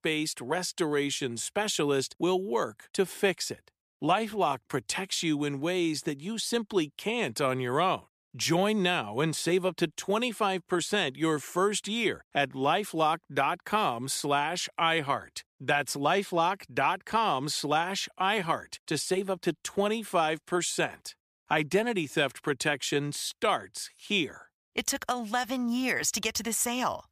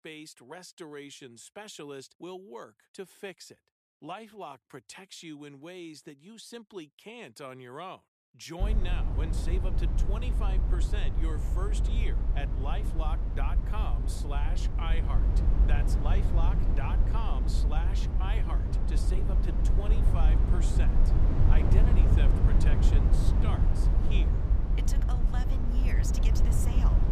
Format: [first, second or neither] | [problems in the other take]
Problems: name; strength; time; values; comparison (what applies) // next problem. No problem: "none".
first | low rumble; loud; from 8.5 s on; as loud as the speech